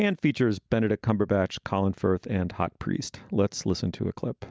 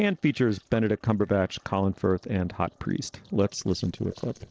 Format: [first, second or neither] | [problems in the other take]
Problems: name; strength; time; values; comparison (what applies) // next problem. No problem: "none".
first | noise reduction (neural separator model SepFormer DNS4)